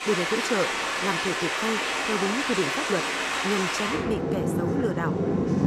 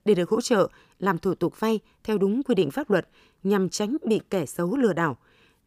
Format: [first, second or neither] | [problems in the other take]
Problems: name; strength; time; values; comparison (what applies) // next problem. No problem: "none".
second | rain or running water; very loud; throughout; 4 dB above the speech